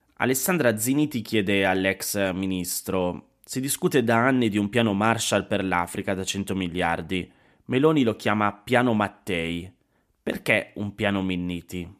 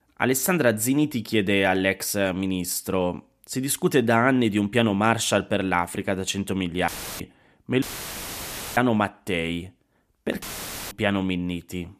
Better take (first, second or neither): first